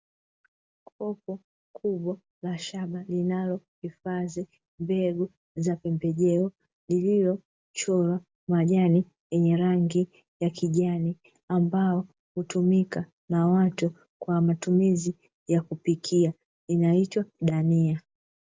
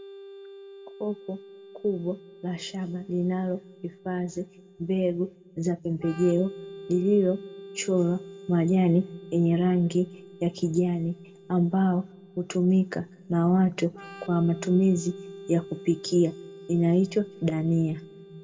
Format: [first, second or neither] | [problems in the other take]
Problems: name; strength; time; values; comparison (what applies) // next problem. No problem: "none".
first | background sound (Organ); 19 dB below the speech // room echo; dies away in 1.7 s